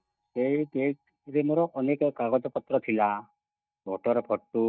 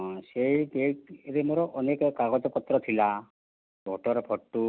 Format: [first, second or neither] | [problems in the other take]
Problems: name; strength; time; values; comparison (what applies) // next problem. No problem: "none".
second | noise reduction (neural mask model DeepFilterNet 3)